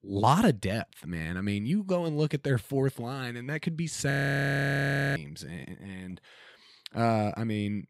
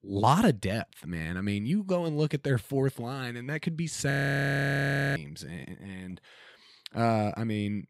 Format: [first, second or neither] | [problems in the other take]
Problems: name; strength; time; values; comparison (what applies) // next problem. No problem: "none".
neither | audio freezing; at 4 s for 1 s; the same in both